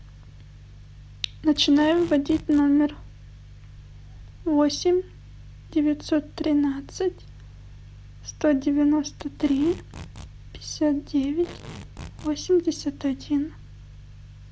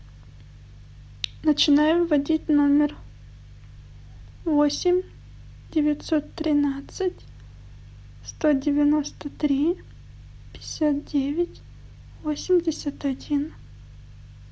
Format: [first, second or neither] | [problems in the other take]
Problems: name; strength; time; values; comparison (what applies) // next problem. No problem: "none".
second | background sound (Packing tape, duct tape); 17 dB below the speech